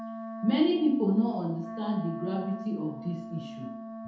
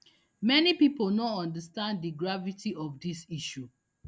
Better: second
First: background sound (Wind instrument, woodwind instrument); 10 dB below the speech // room echo; dies away in 0.8 s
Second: none

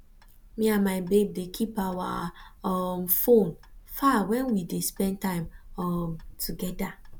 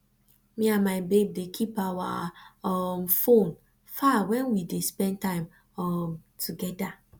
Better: second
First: background sound (Clock); 18 dB below the speech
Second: none

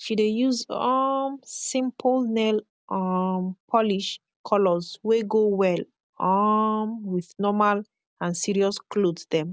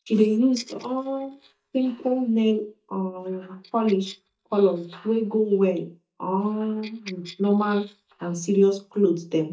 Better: first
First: none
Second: noise reduction (neural mask model DeepFilterNet 3)

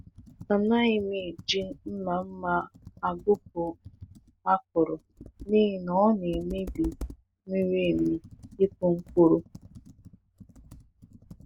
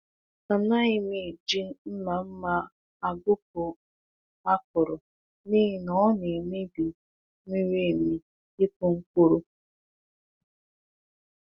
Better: second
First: background sound (Computer keyboard); 18 dB below the speech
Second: none

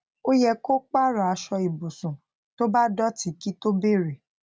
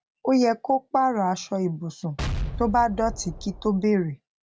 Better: first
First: none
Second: background sound (Explosion); 8 dB below the speech

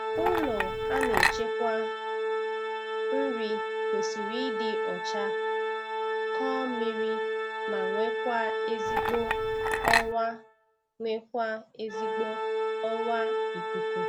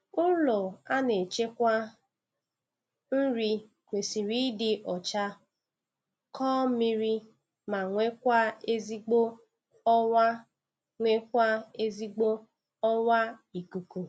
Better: second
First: background sound (Organ + Chink, clink); 5 dB above the speech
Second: none

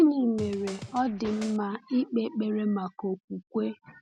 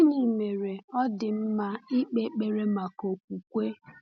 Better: second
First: background sound (Scratching (performance technique)); 14 dB below the speech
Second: none

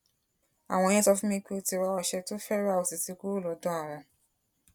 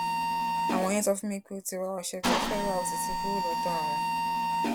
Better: first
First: none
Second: background sound (Mechanisms); 3 dB above the speech

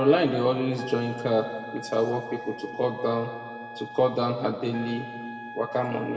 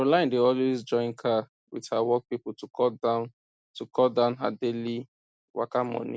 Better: second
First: background sound (Trumpet); 14 dB below the speech // room echo; dies away in 1.8 s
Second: none

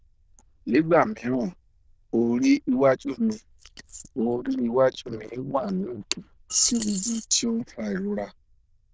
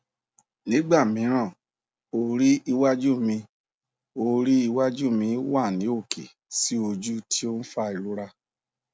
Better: second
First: noise reduction (neural diffusion model UNIVERSE++)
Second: none

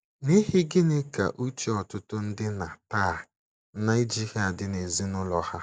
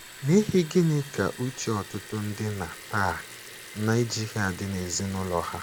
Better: first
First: none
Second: background sound (Liquid); 16 dB below the speech

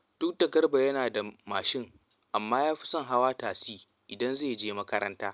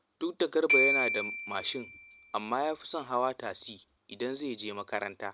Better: first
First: none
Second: background sound (Glockenspiel); as loud as the speech

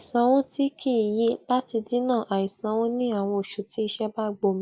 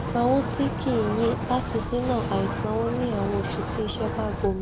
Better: first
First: none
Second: background sound (Wind); 2 dB below the speech

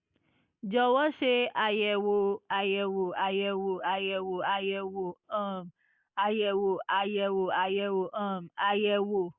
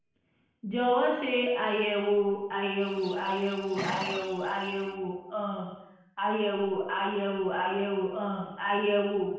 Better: first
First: none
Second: background sound (Livestock, farm animals, working animals); 11 dB below the speech // room echo; dies away in 1 s

